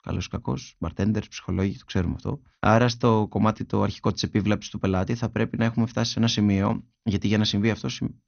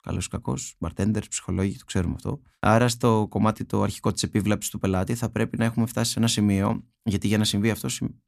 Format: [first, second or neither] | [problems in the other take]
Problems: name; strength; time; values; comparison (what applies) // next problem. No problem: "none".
second | garbled, watery; slightly; nothing above 6.5 kHz